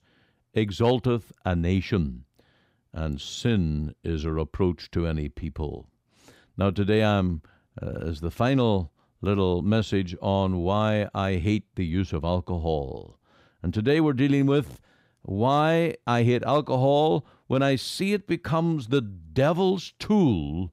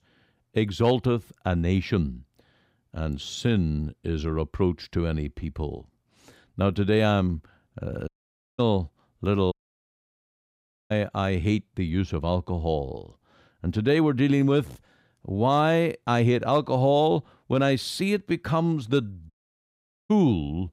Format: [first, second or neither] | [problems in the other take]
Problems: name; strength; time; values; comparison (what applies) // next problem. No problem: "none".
first | audio cutting out; at 8 s for 0.5 s, at 9.5 s for 1.5 s and at 19 s for 1 s